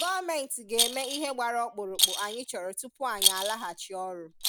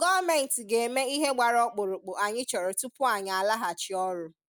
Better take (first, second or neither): second